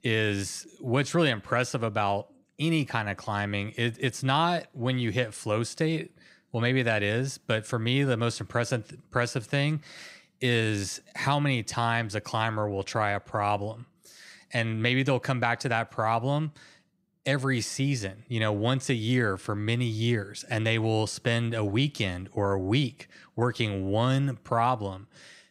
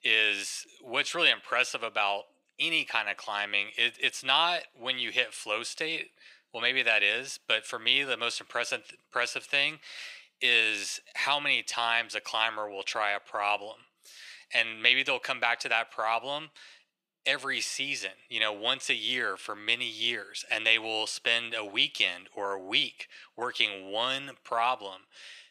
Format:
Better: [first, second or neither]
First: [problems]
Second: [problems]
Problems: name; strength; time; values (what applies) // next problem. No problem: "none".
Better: first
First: none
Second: thin; very; fading below 600 Hz